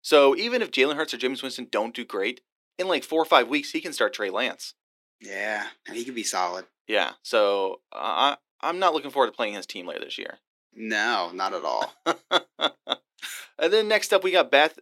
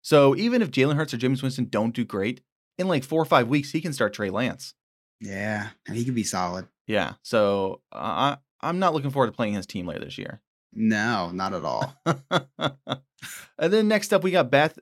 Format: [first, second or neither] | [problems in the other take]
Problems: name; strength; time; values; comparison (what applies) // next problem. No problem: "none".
second | thin; somewhat; fading below 350 Hz